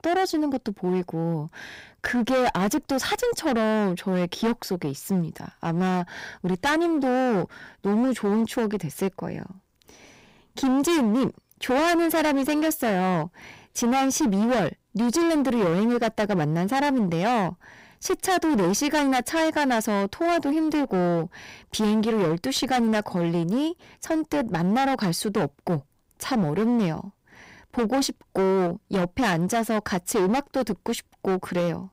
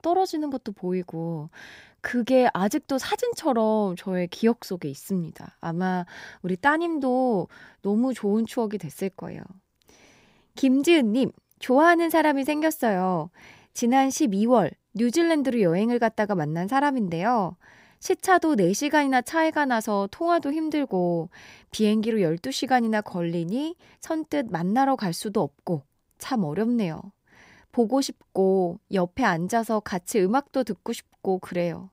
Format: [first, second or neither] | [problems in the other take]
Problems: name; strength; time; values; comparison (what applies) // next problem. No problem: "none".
second | distortion; heavy; 21% of the sound clipped